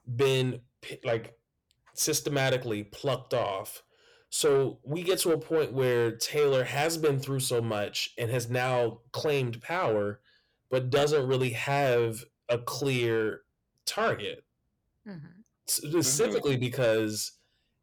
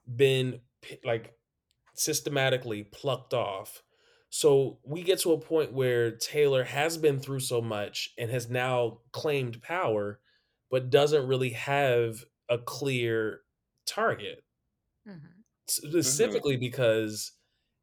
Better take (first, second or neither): second